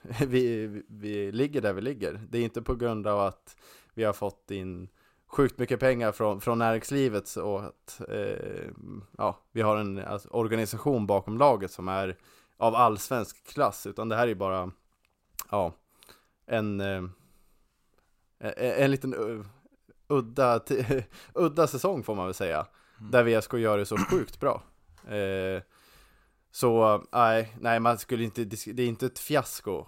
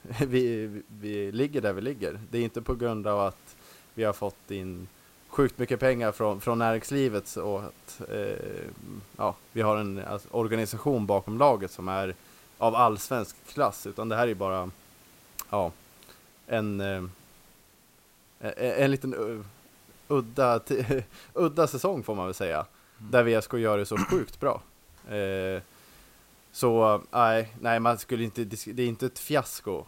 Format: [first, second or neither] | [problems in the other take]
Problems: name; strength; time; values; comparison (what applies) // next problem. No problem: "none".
first | hiss; faint; throughout; 25 dB below the speech